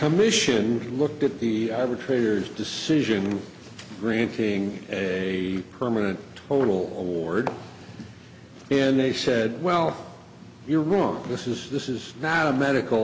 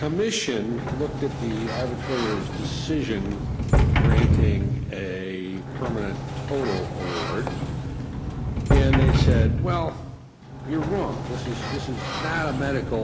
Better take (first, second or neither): first